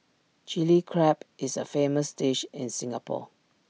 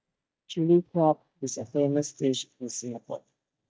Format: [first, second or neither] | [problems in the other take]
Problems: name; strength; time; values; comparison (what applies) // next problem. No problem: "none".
first | noise reduction (neural mask model DeepFilterNet 3)